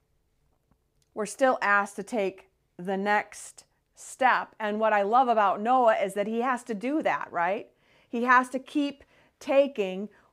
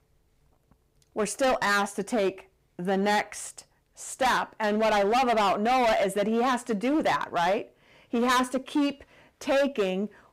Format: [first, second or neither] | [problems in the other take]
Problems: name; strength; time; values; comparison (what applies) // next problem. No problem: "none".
first | distortion; heavy; 14% of the sound clipped